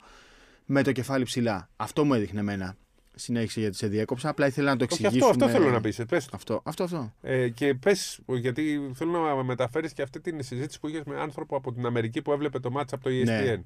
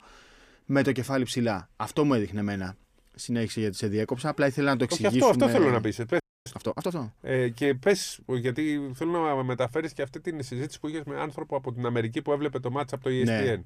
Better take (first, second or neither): first